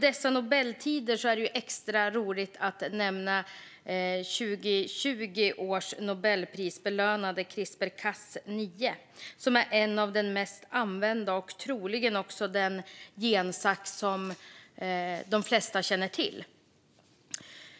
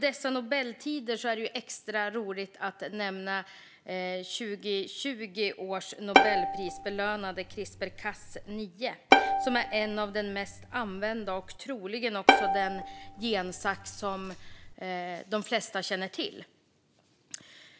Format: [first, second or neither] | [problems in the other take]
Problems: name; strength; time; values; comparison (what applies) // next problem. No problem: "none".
first | background sound (Bowed string instrument); 4 dB above the speech